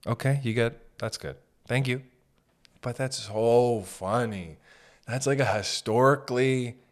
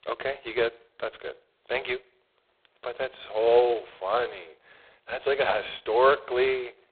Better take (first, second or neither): first